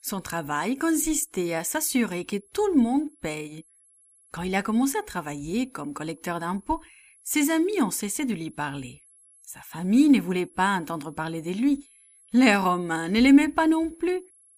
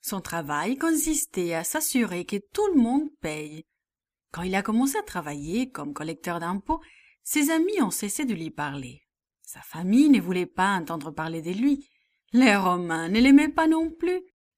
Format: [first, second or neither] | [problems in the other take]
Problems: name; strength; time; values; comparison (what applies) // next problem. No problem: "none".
second | high-pitched whine; faint; throughout; 11 kHz, 30 dB below the speech